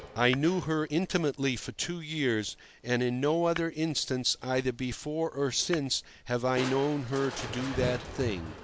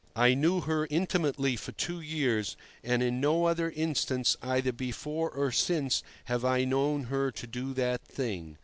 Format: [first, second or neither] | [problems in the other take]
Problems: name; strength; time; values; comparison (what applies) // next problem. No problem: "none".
second | background sound (Crushing + Tap / Hammer); 13 dB below the speech